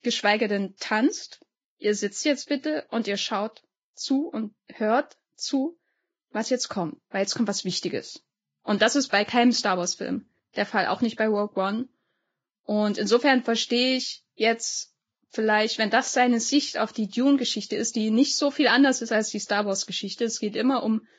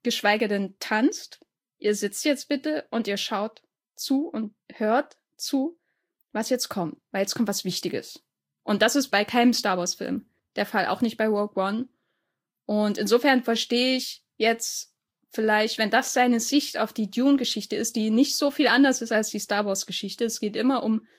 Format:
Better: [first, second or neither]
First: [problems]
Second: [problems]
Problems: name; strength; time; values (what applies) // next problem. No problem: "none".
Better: second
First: garbled, watery; badly; nothing above 7.5 kHz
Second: garbled, watery; slightly; nothing above 15 kHz